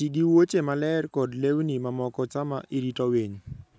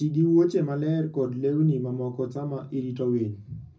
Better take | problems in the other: first | room echo; dies away in 0.4 s

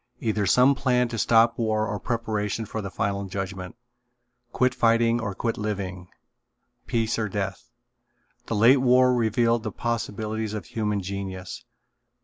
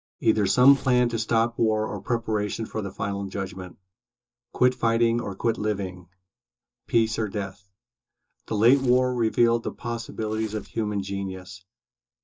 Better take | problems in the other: first | noise reduction (neural mask model DeepFilterNet 3)

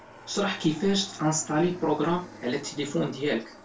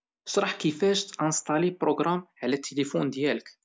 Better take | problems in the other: second | background sound (Aircraft); 18 dB below the speech // room echo; dies away in 0.2 s

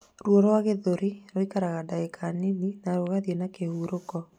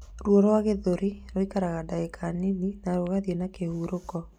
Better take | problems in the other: first | background sound (Accelerating, revving, vroom); 20 dB below the speech

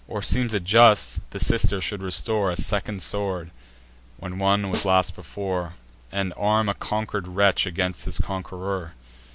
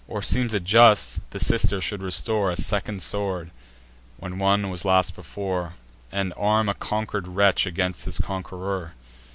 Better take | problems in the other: second | background sound (Snare drum); 13 dB below the speech

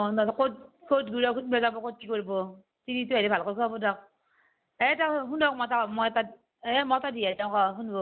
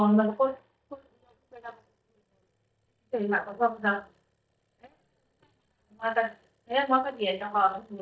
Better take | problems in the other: first | noise reduction (neural mask model DeepFilterNet 3)

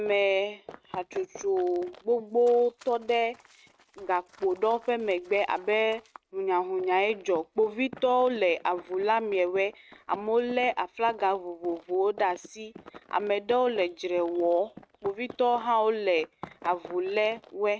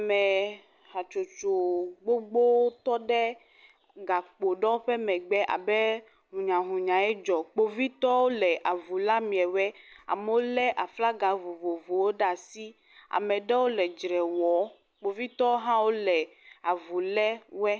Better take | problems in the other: second | noise reduction (neural mask model RNNoise)

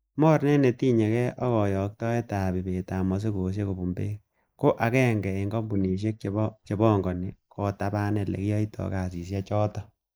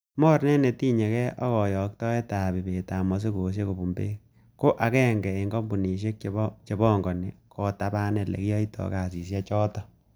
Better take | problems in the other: second | noise reduction (neural mask model Resemble Enhance denoiser)

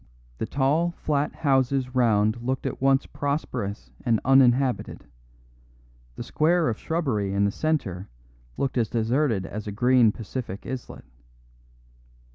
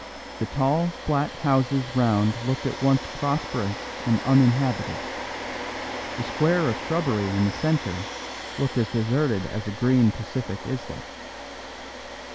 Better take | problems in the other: first | background sound (Domestic sounds, home sounds); 10 dB below the speech

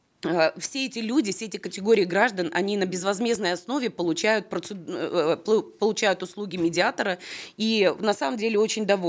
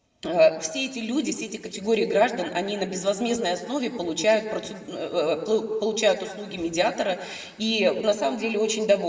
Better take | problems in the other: first | room echo; dies away in 2.4 s

